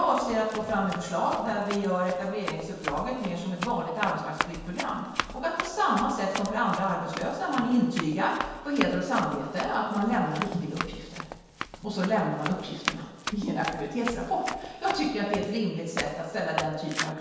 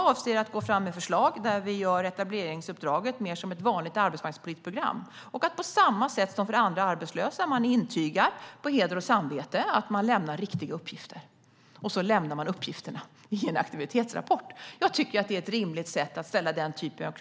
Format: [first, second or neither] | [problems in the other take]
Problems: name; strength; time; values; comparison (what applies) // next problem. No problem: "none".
second | background sound (Run); 9 dB below the speech // room echo; dies away in 1.2 s